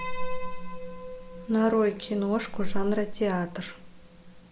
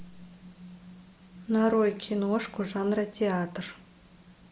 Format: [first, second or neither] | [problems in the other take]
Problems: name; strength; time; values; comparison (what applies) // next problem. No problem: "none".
second | background sound (Piano); 1 dB below the speech